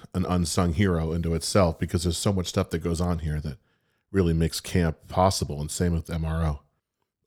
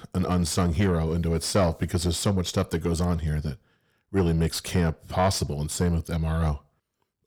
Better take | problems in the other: first | distortion; slight; 10 dB below the speech

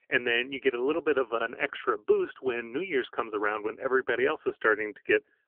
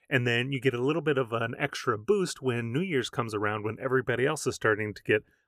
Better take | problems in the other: second | phone-call audio; nothing above 3 kHz

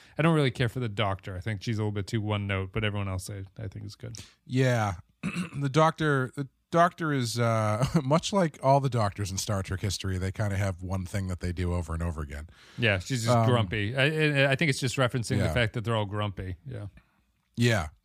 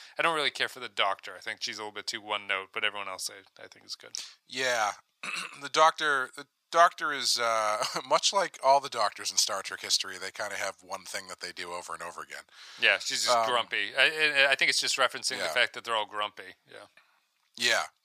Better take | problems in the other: first | thin; very; fading below 850 Hz

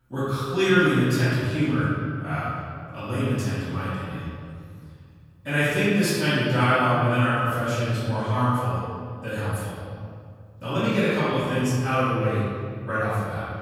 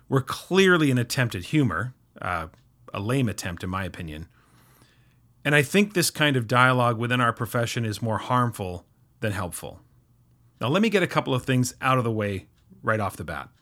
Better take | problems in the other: second | off-mic speech; far // room echo; strong; dies away in 2.1 s

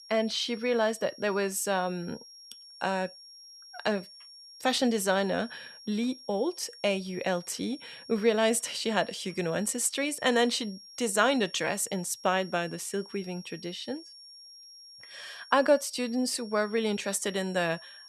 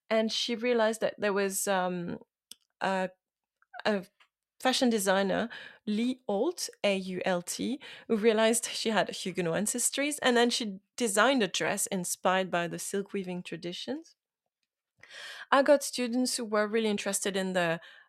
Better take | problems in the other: second | high-pitched whine; noticeable; throughout; 5.5 kHz, 20 dB below the speech

